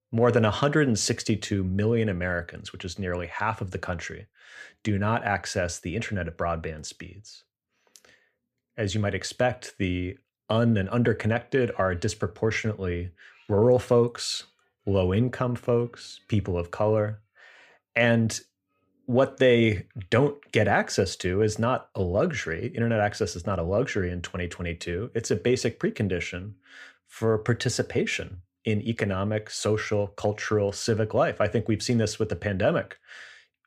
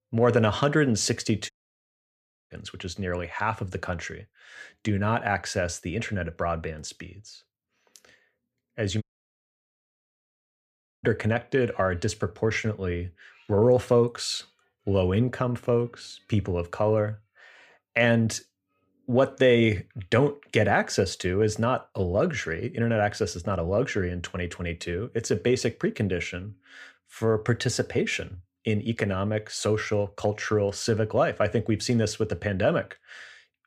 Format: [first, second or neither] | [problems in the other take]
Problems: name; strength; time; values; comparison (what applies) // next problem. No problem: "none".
first | audio cutting out; at 1.5 s for 1 s and at 9 s for 2 s